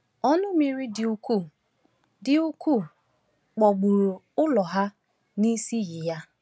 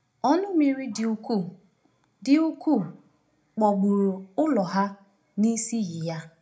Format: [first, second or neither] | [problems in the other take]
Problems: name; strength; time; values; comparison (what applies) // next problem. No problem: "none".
first | room echo; dies away in 0.2 s